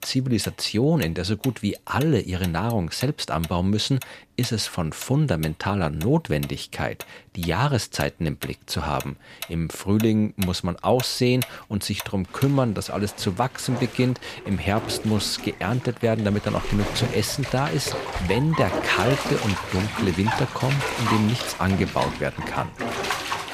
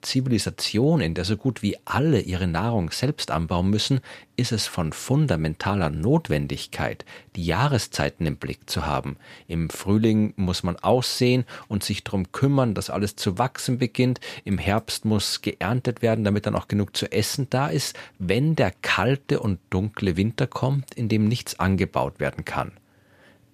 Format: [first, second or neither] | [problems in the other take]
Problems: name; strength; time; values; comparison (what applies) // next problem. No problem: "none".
second | household noises; loud; throughout; 8 dB below the speech